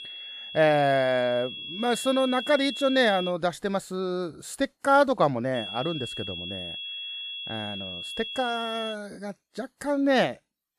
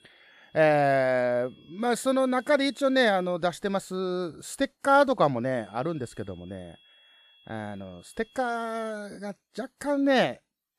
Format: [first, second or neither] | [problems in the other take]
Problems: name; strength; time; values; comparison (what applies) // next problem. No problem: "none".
second | high-pitched whine; loud; until 3.5 s and from 5.5 to 9 s; 3.5 kHz, 8 dB below the speech; faint in the second